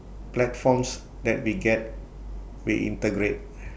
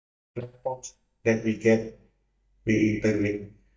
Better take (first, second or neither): first